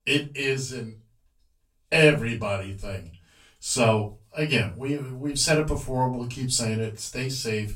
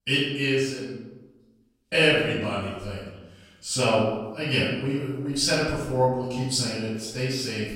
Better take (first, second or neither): first